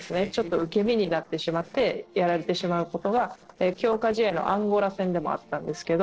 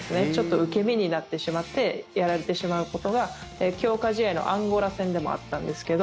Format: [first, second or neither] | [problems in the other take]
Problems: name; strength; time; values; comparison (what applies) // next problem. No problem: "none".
second | noise reduction (neural separator model SepFormer DNS4)